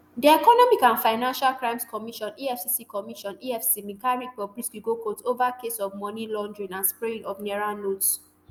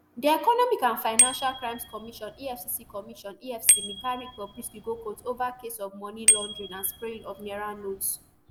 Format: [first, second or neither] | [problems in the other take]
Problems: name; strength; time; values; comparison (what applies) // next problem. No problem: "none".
first | background sound (Bicycle bell); 1 dB above the speech